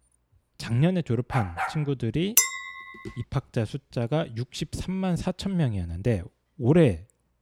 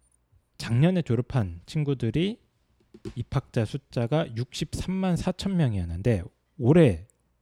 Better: second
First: dog barking; noticeable; at 1.5 s; peak 3 dB below the speech // clattering dishes; loud; at 2.5 s; peak 6 dB above the speech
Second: none

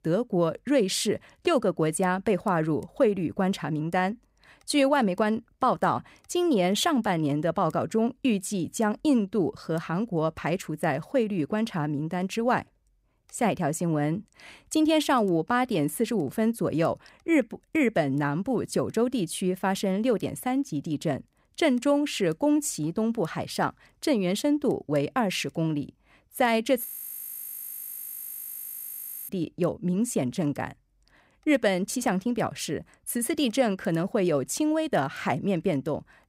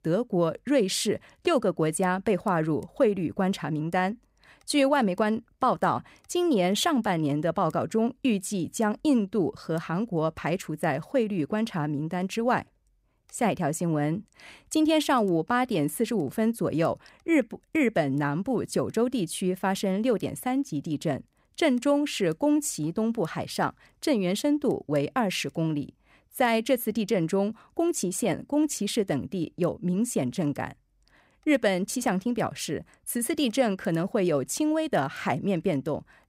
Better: second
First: audio freezing; at 27 s for 2.5 s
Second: none

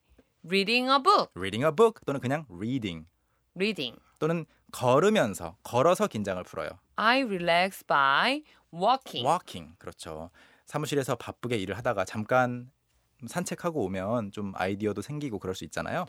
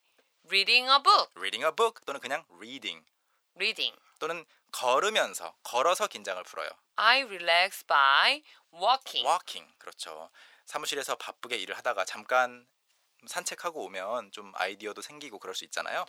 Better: first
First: none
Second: thin; very; fading below 700 Hz

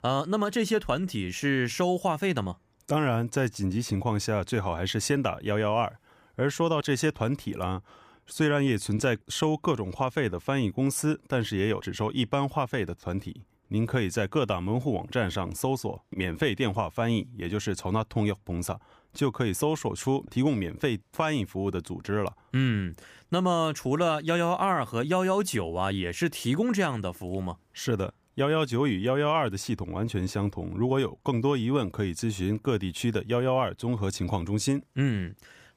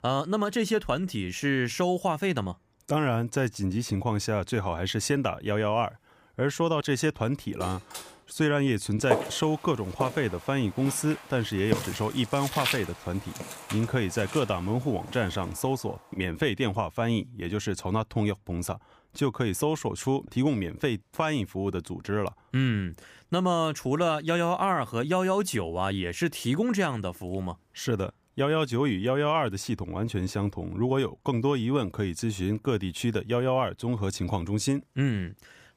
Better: first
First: none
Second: clattering dishes; faint; at 7.5 s; peak 10 dB below the speech // footsteps; loud; from 9 to 14 s; peak level with the speech

